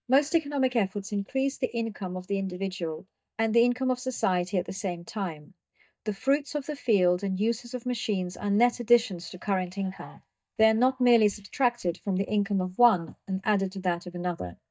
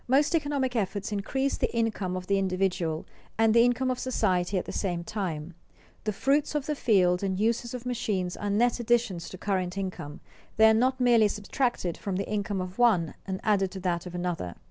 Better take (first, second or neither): second